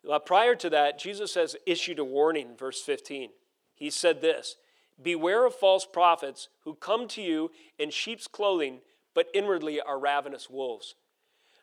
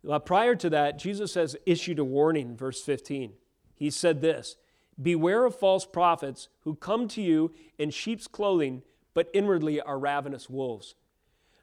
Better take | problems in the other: second | thin; somewhat; fading below 500 Hz

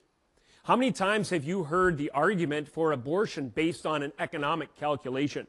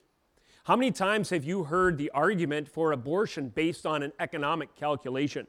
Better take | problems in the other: second | garbled, watery; slightly

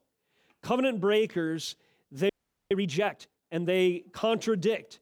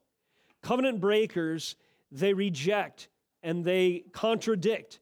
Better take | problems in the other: second | audio freezing; at 2.5 s

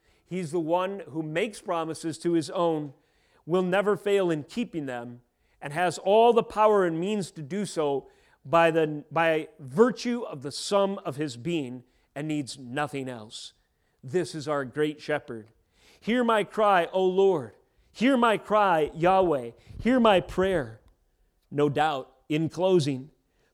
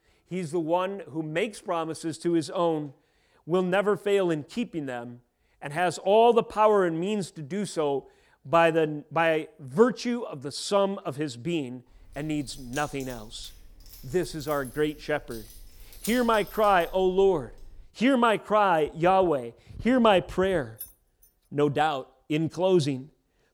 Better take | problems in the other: first | jangling keys; faint; from 12 to 18 s and at 21 s; peak 10 dB below the speech

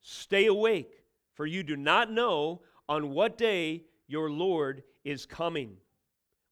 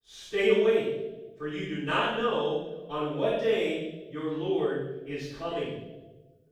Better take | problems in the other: first | off-mic speech; far // room echo; strong; dies away in 1 s

